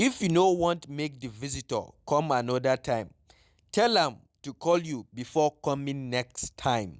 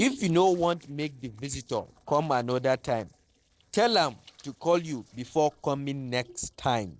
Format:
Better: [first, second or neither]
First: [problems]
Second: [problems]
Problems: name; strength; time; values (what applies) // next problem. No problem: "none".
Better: first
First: none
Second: noise reduction (neural separator model SepFormer DNS4)